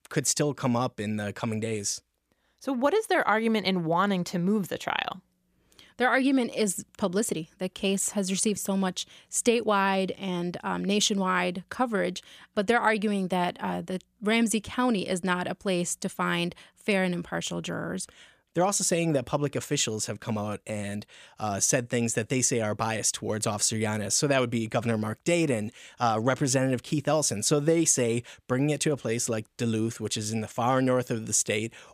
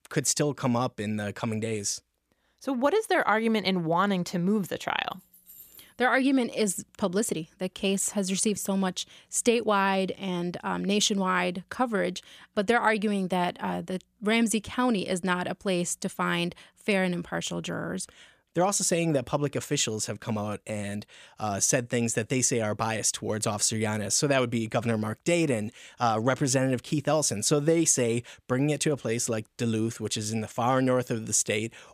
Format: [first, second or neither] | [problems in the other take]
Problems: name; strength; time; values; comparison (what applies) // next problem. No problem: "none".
first | jangling keys; faint; at 5 s; peak 20 dB below the speech